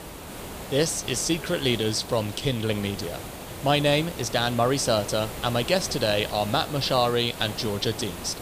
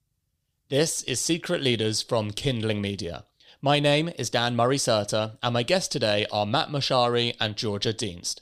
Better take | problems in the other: second | hiss; noticeable; throughout; 10 dB below the speech

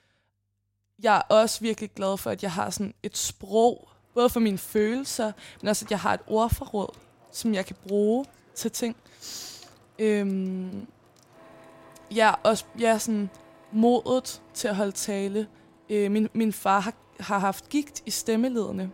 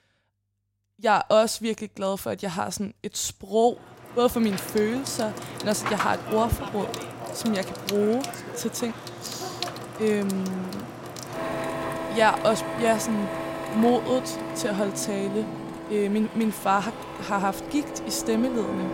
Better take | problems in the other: first | household noises; loud; from 4 s on; 7 dB below the speech; faint in the first

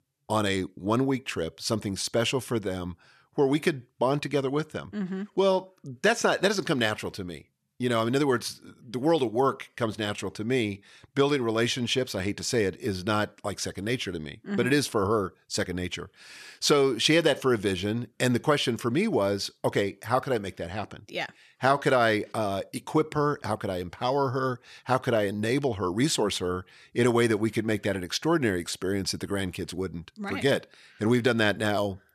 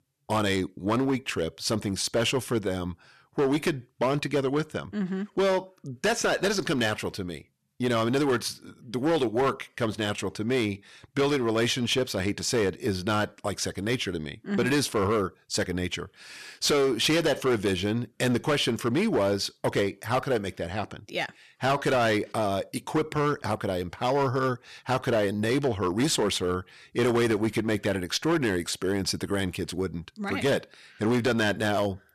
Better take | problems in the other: first | distortion; slight; 9% of the sound clipped

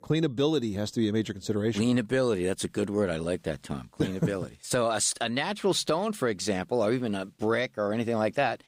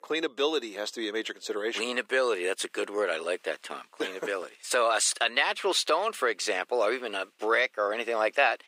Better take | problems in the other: first | thin; very; fading below 400 Hz

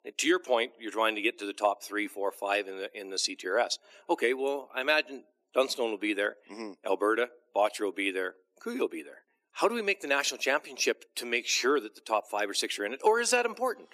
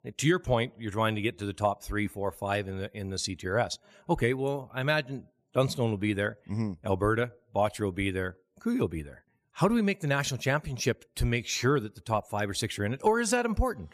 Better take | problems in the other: second | thin; somewhat; fading below 300 Hz

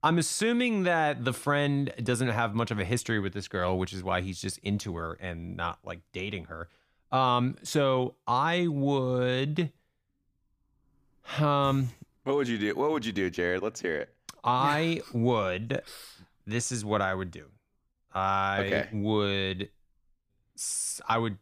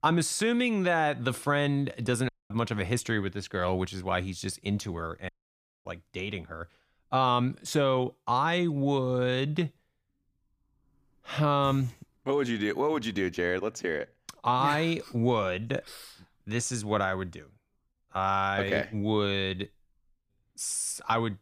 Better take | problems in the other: first | audio cutting out; at 2.5 s and at 5.5 s for 0.5 s

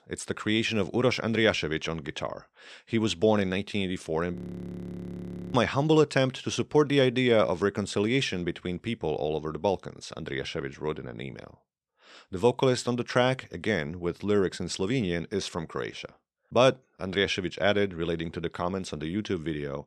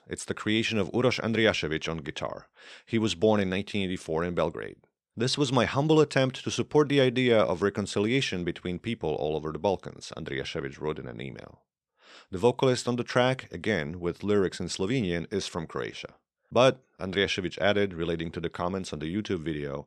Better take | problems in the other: second | audio freezing; at 4.5 s for 1 s

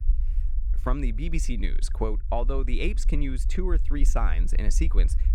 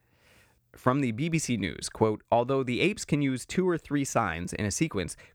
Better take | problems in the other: second | low rumble; noticeable; throughout; 20 dB below the speech

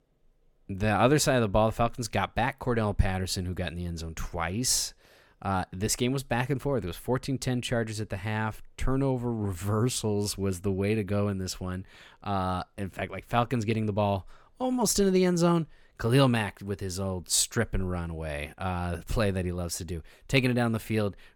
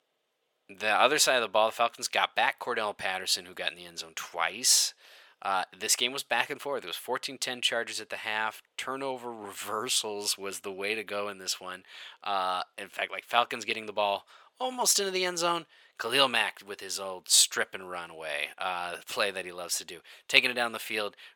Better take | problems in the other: first | thin; very; fading below 650 Hz

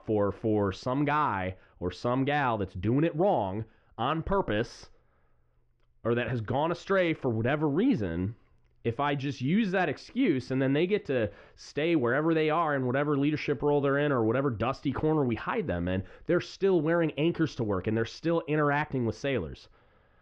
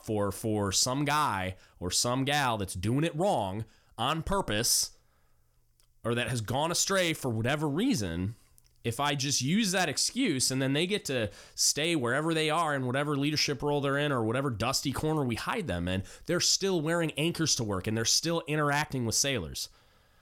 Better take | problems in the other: second | muffled; very; fading above 2.5 kHz

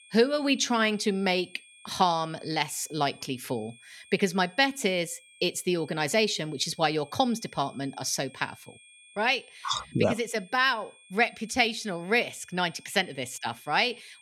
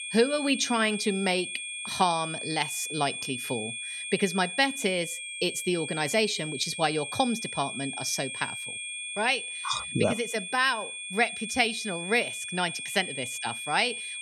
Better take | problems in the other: first | high-pitched whine; loud; throughout; 2.5 kHz, 6 dB below the speech; faint in the first

